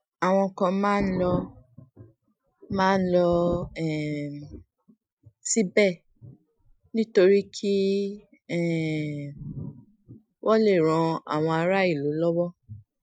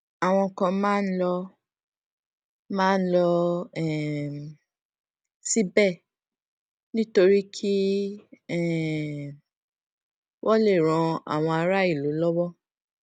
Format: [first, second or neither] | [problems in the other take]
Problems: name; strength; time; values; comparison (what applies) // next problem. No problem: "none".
second | noise reduction (classical method Wiener filter)